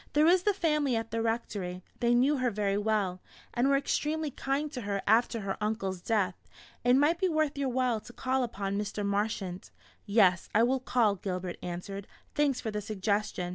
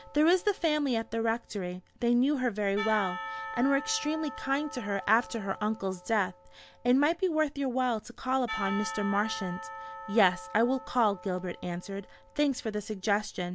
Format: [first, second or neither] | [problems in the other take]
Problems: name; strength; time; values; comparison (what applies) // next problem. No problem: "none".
first | background sound (Percussion); 13 dB below the speech